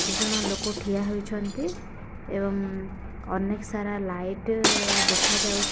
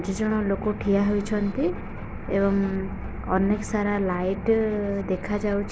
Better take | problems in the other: second | background sound (Shatter); as loud as the speech

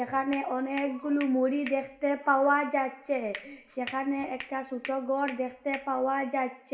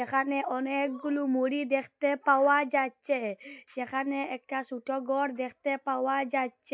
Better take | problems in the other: second | background sound (Hands); 18 dB below the speech // room echo; dies away in 2 s

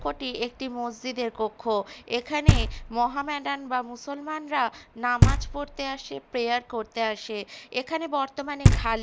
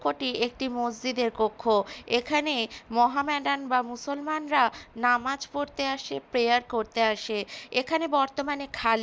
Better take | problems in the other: second | background sound (Knock); 2 dB above the speech

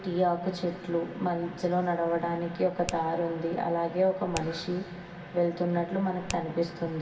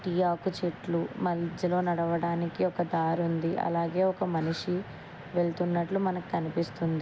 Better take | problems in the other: second | background sound (Finger snapping); 14 dB below the speech // room echo; dies away in 2.1 s

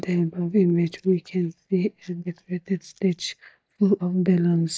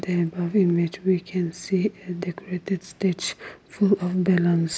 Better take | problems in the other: second | noise reduction (neural mask model DeepFilterNet 3)

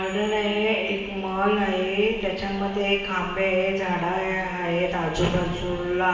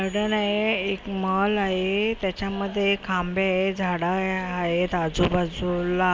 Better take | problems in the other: second | room echo; dies away in 1.3 s

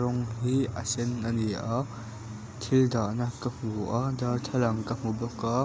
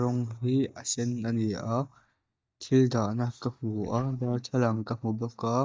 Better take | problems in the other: first | noise reduction (neural mask model DeepFilterNet 3)

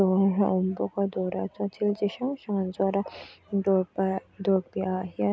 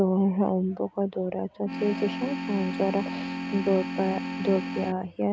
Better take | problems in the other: first | background sound (Organ); 5 dB below the speech

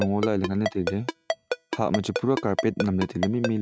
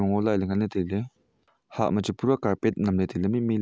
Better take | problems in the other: second | noise reduction (neural mask model RNNoise)

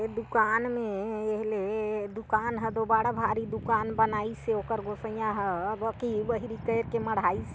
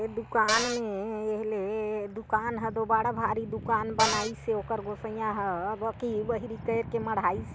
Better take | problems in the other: first | background sound (Cupboard open or close); as loud as the speech

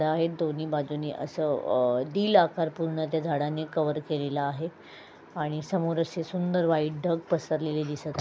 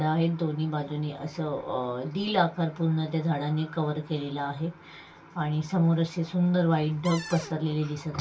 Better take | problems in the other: first | background sound (Cupboard open or close); 10 dB below the speech // room echo; dies away in 0.1 s

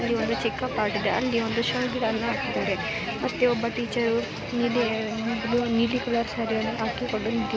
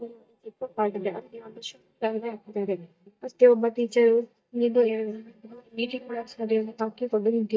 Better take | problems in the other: first | noise reduction (neural mask model DeepFilterNet 3)

